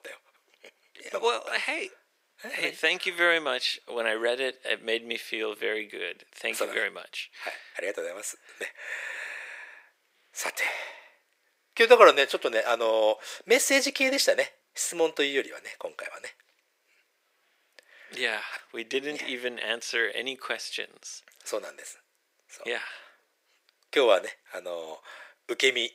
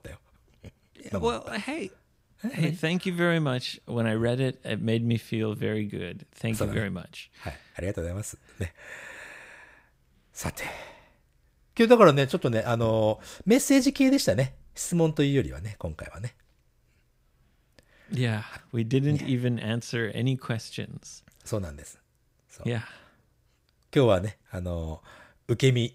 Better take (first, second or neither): second